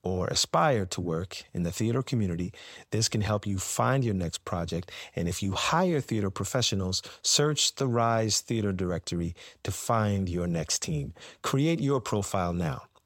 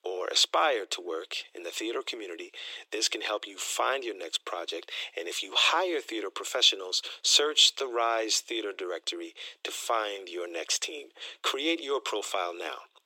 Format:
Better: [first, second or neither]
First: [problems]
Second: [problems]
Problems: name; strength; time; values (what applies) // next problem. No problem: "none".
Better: first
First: none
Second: thin; very; fading below 300 Hz